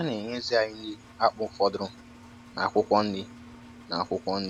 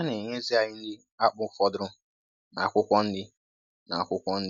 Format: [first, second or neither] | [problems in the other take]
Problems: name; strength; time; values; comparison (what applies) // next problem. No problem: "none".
second | background sound (Engine); 20 dB below the speech